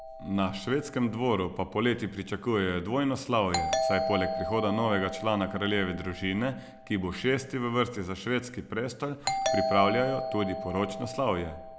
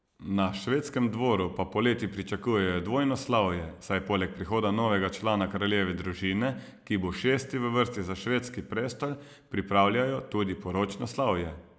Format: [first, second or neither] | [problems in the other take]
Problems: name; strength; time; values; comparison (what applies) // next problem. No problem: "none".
second | background sound (Doorbell); 6 dB below the speech